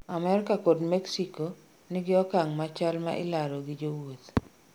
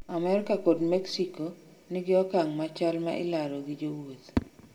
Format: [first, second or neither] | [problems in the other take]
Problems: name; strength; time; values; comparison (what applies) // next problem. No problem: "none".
first | room echo; dies away in 1.4 s